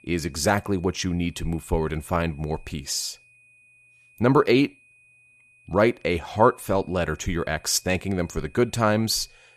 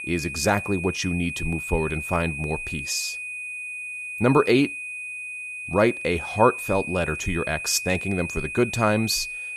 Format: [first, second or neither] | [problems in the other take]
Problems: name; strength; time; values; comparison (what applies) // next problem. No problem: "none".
first | high-pitched whine; loud; throughout; 2.5 kHz, 7 dB below the speech; faint in the first